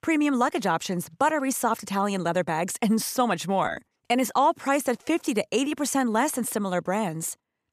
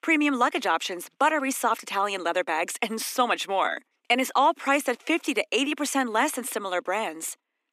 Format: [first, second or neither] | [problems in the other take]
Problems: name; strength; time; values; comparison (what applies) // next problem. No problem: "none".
first | thin; very slightly; fading below 250 Hz